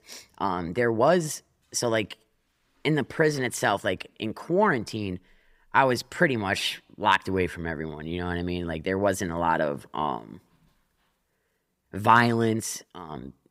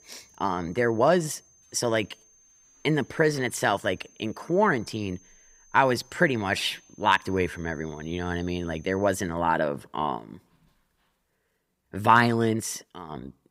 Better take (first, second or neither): first